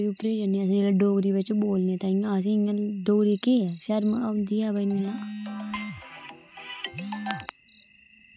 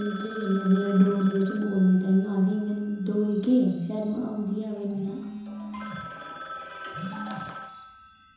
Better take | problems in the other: first | background sound (Telephone); 16 dB below the speech // room echo; dies away in 1 s

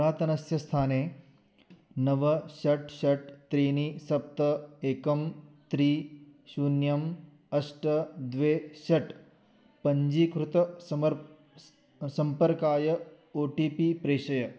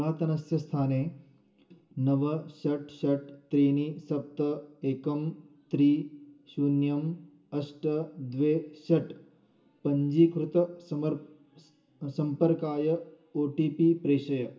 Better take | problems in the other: first | room echo; dies away in 0.2 s

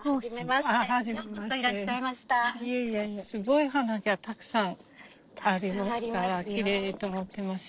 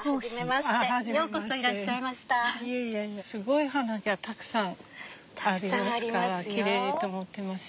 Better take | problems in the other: second | noise reduction (neural separator model SepFormer DNS4)

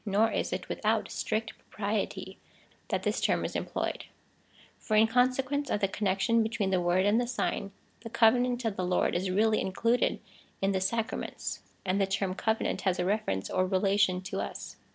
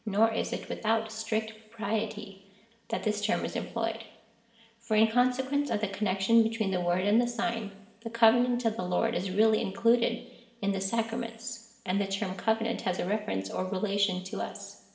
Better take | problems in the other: first | room echo; dies away in 0.8 s

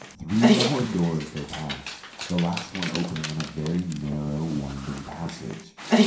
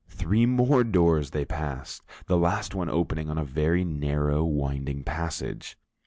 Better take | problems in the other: second | background sound (Dog); as loud as the speech // room echo; dies away in 0.5 s

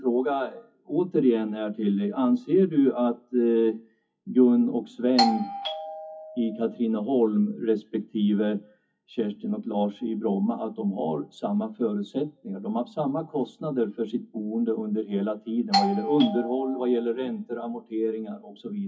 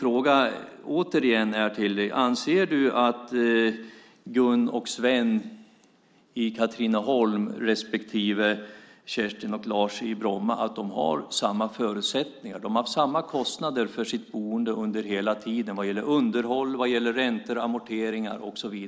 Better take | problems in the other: second | noise reduction (classical method WPE with log-MMSE)

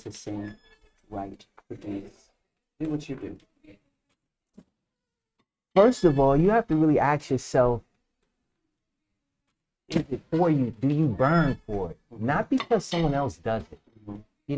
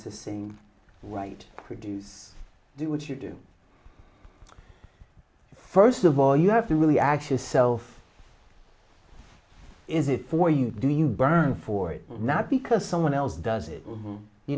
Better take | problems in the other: second | noise reduction (neural mask model RNNoise)

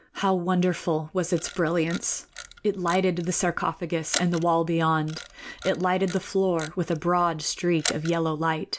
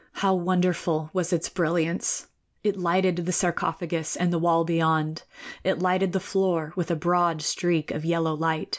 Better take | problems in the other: second | background sound (Camera); 14 dB below the speech

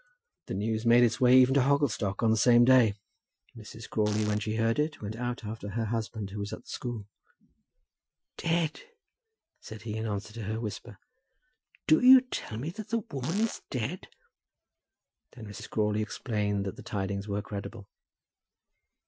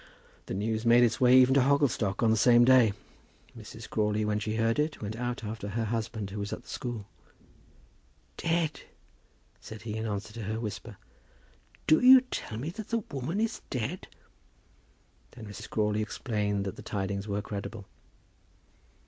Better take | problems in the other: second | noise reduction (classical method Wiener filter)

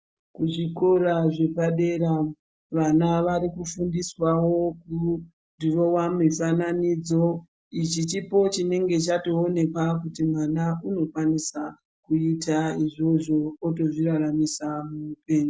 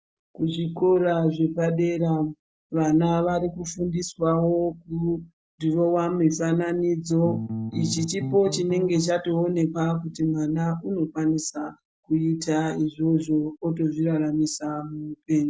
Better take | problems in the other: first | background sound (Bass guitar); 7 dB below the speech

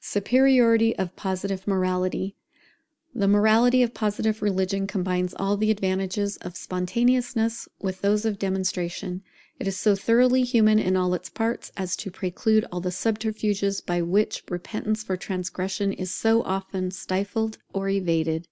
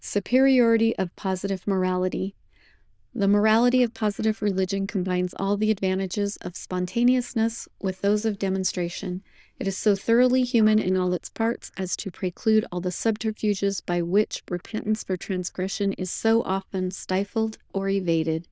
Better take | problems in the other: first | noise reduction (neural diffusion model UNIVERSE++)

